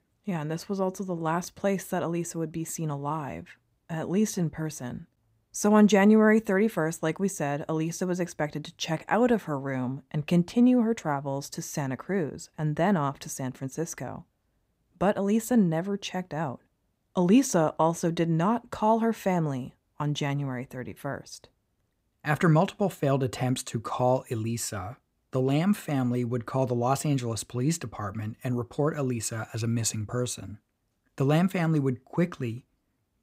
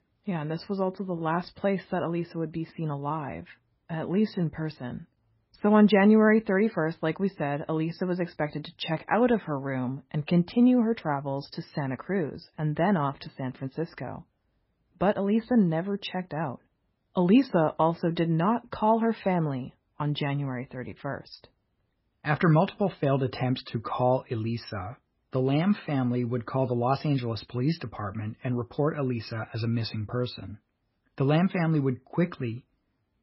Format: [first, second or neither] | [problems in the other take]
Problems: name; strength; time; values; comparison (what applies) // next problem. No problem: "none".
first | garbled, watery; badly; nothing above 5.5 kHz